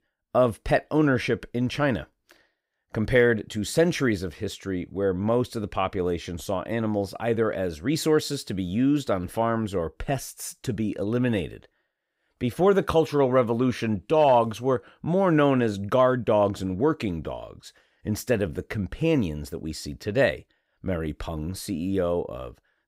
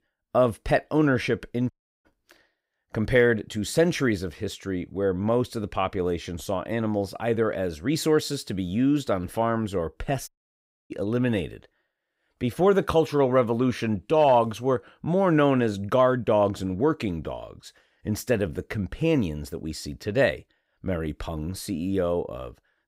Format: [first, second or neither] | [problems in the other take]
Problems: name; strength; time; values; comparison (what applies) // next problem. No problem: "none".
first | audio cutting out; at 1.5 s and at 10 s for 0.5 s